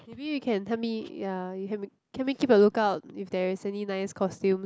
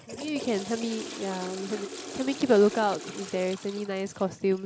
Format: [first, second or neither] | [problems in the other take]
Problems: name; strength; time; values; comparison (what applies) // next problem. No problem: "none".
first | background sound (Toilet flush / Water); 12 dB below the speech